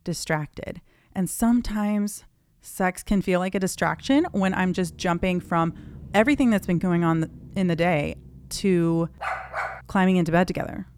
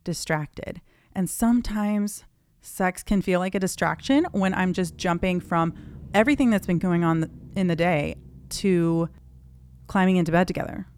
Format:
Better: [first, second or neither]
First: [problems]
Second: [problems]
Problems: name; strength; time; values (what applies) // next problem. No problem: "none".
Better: second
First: dog barking; noticeable; at 9 s; peak 5 dB below the speech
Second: none